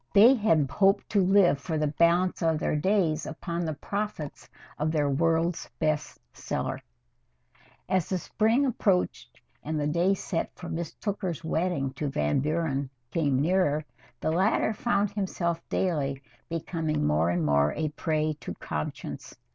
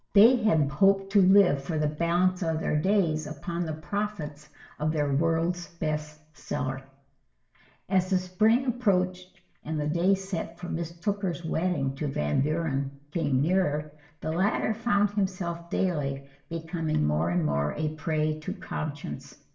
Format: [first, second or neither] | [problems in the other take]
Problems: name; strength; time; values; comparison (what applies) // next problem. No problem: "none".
first | room echo; dies away in 0.5 s